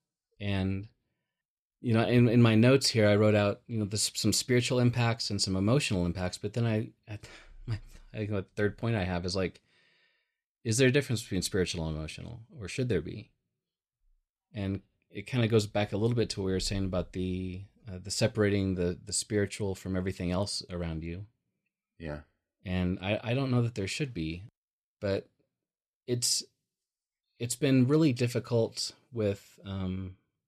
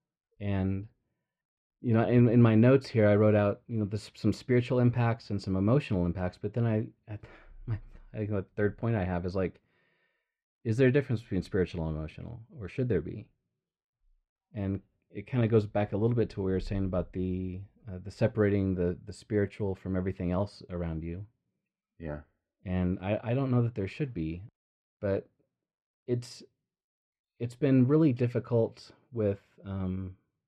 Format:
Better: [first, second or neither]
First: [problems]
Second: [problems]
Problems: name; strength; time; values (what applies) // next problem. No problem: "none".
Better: first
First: none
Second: muffled; very; fading above 3.5 kHz